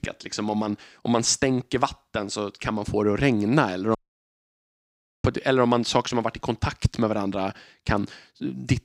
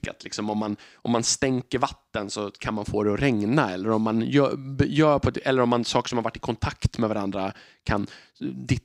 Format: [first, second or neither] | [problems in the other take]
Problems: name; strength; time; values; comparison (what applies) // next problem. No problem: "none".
second | audio cutting out; at 4 s for 1.5 s